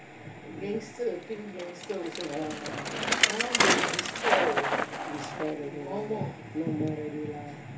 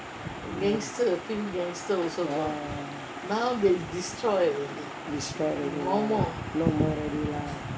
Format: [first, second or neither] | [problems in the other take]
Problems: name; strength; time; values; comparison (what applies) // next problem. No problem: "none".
second | background sound (Bicycle); 3 dB above the speech // room echo; dies away in 0.3 s